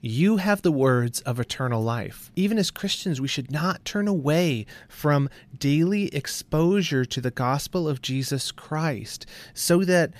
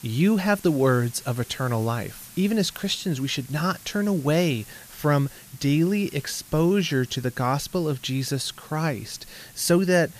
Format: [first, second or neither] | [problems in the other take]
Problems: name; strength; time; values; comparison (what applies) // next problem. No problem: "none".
first | hiss; faint; throughout; 20 dB below the speech